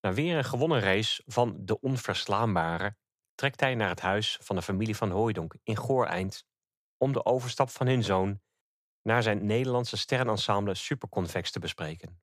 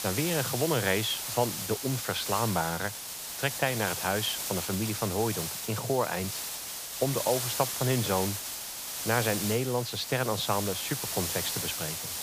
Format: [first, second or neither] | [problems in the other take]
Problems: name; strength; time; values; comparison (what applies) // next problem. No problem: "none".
first | hiss; loud; throughout; 2 dB below the speech